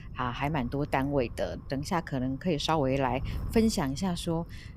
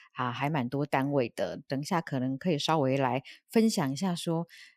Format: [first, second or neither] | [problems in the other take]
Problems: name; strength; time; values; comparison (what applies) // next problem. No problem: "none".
second | wind noise on the microphone; occasional gusts; 25 dB below the speech